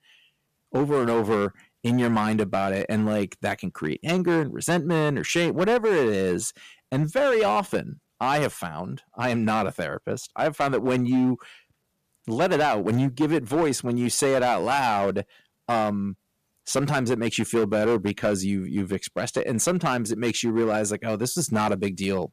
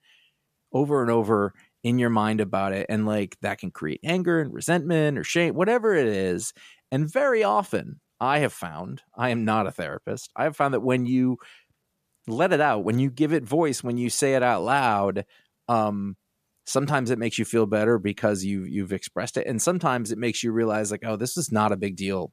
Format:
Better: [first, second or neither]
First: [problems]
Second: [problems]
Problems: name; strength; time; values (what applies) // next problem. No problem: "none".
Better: second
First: distortion; slight; 7% of the sound clipped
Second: none